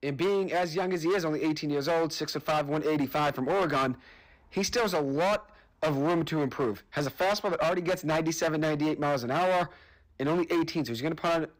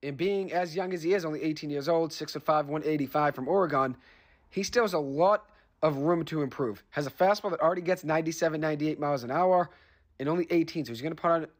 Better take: second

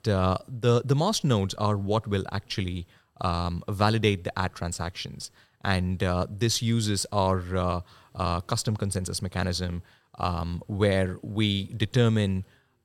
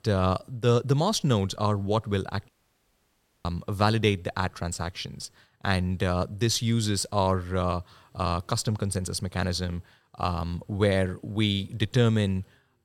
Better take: first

